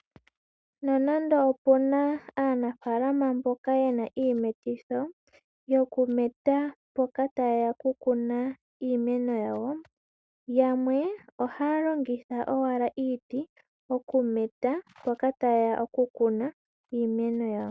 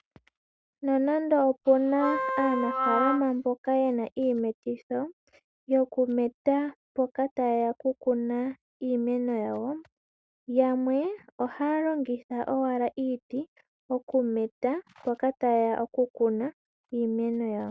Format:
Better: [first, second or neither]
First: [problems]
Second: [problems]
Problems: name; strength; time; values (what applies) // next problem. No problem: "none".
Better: first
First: none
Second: background sound (Wind instrument, woodwind instrument); 2 dB below the speech